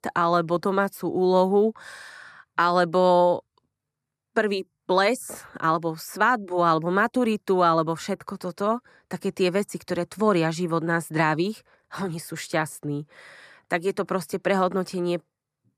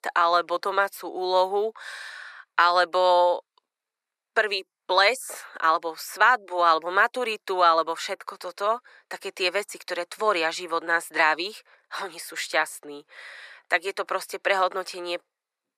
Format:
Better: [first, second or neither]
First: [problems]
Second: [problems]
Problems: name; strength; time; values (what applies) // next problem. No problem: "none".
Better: first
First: none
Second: thin; very; fading below 500 Hz